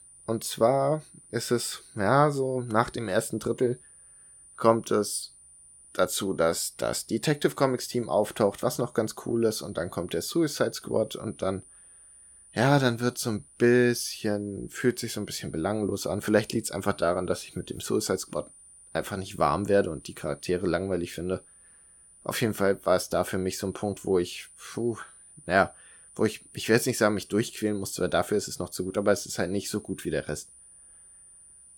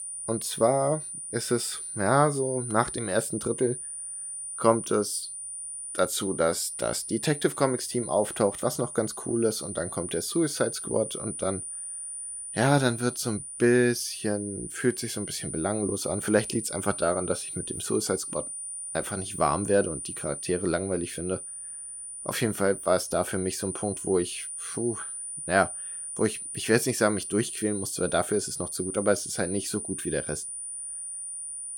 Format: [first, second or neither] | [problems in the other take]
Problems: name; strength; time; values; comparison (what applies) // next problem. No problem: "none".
first | high-pitched whine; loud; throughout; 9.5 kHz, 6 dB below the speech; faint in the first